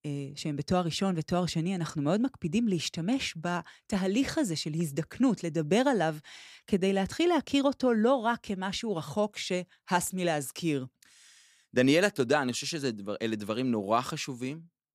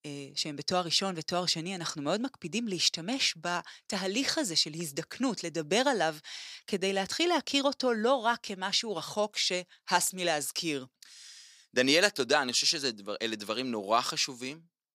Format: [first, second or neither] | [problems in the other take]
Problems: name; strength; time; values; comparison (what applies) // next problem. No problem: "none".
first | thin; very slightly; fading below 1 kHz